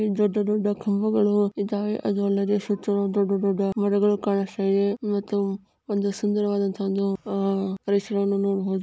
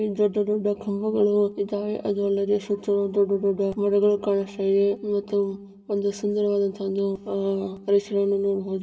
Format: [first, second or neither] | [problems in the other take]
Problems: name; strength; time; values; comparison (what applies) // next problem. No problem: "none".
first | room echo; dies away in 1.8 s